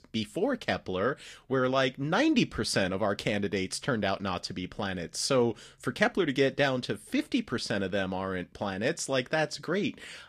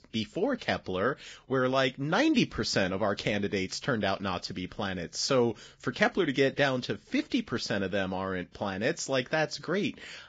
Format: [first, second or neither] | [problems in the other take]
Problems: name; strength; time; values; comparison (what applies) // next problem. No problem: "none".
first | garbled, watery; badly; nothing above 7.5 kHz; slightly in the first